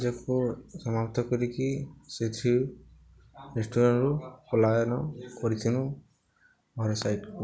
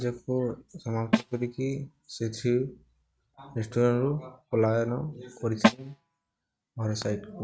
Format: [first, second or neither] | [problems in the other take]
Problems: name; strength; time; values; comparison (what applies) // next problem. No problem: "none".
first | noise reduction (neural mask model RNNoise)